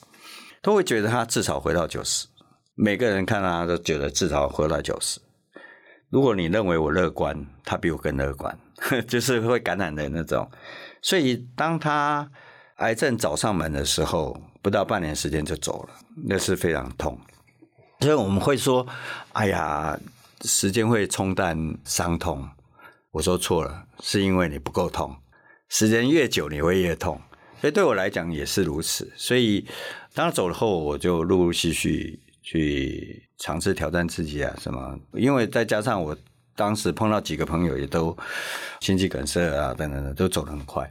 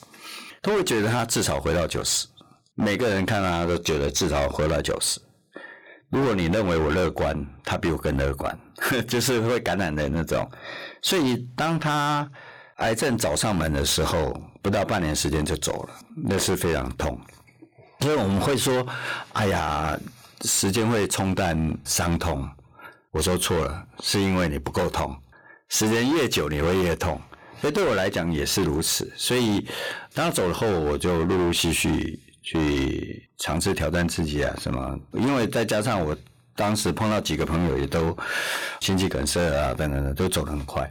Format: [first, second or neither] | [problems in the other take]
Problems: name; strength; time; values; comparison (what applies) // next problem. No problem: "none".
first | distortion; heavy; 18% of the sound clipped